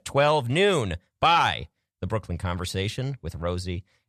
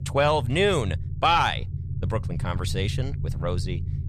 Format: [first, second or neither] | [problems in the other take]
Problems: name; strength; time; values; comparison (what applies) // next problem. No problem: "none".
first | low rumble; faint; throughout; 20 dB below the speech